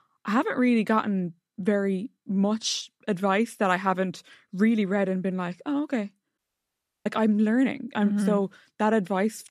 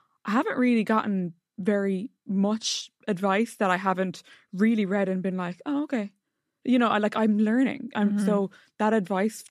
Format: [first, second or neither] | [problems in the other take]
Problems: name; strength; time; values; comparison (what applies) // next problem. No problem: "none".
second | audio cutting out; at 6.5 s for 0.5 s